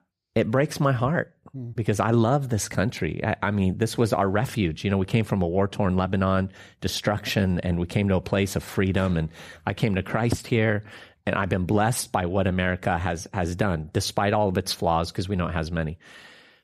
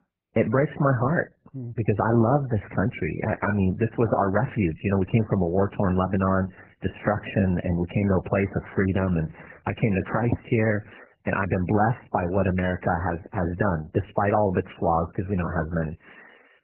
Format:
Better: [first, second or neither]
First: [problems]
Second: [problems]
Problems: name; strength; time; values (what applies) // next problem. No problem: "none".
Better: first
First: none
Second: garbled, watery; badly; nothing above 2.5 kHz